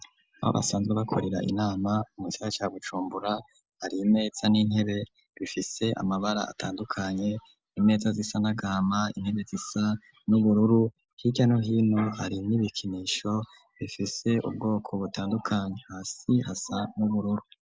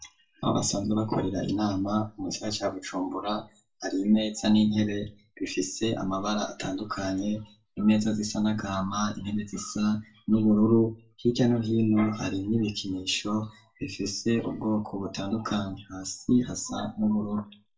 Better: first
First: none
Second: room echo; dies away in 0.2 s

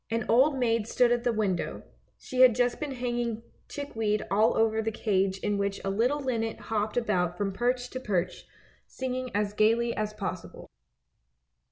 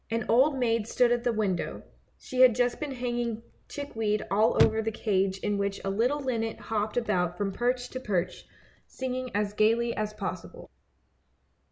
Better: first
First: none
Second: background sound (Chirp, tweet / Slam / Car); 14 dB below the speech

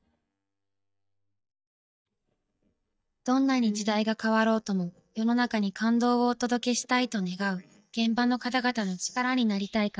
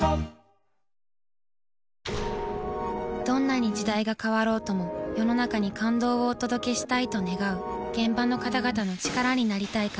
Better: second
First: noise reduction (neural mask model DeepFilterNet 3)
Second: none

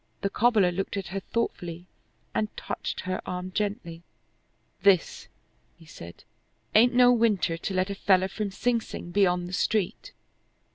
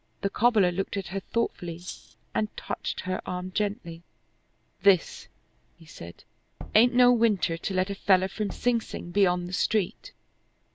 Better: first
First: none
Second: background sound (Rattle (instrument) + Tap / Bass drum); 15 dB below the speech

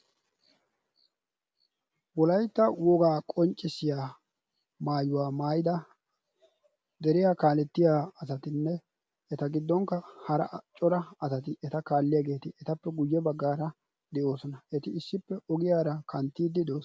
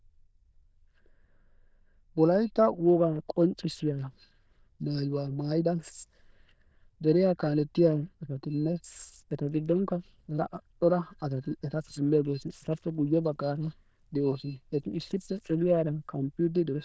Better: first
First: none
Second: noise reduction (neural diffusion model UNIVERSE++)

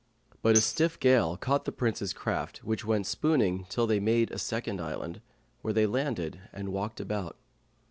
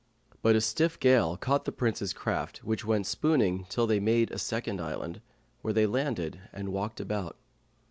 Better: second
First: background sound (Tambourine); 8 dB below the speech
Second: none

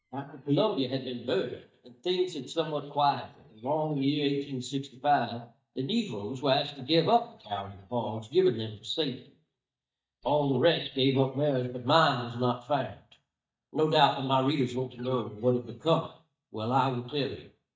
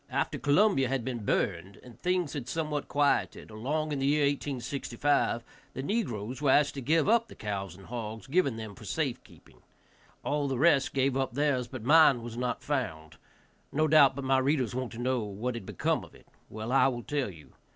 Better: second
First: noise reduction (neural mask model DeepFilterNet 3)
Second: none

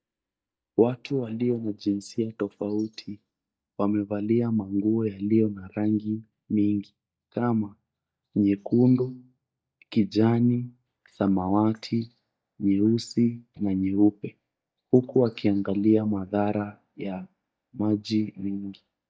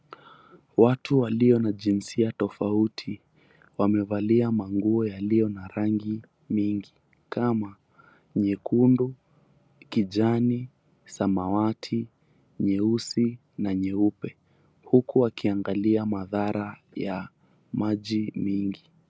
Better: second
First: noise reduction (neural mask model DeepFilterNet 3)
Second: none

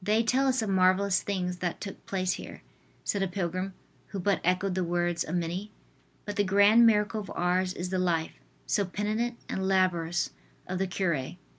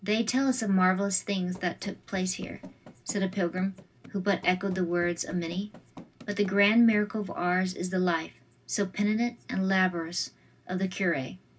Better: first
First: none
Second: background sound (Run); 20 dB below the speech // room echo; dies away in 0.4 s

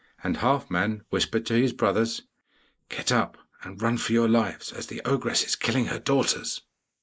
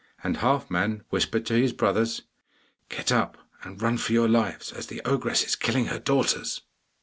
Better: second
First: noise reduction (neural mask model Resemble Enhance denoiser)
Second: none

